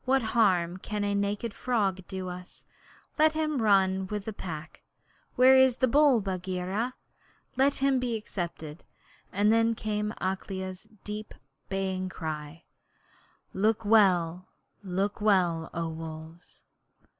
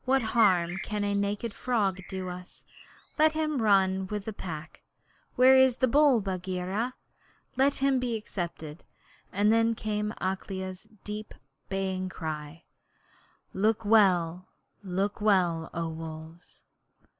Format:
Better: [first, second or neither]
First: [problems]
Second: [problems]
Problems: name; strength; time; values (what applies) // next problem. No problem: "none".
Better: first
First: none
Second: background sound (Bird); 14 dB below the speech